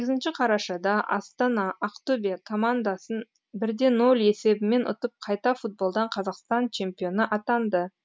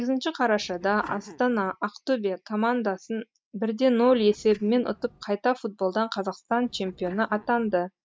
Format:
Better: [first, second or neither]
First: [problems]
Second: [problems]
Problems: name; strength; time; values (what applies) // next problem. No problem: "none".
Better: first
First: none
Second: noise reduction (neural mask model DeepFilterNet 3)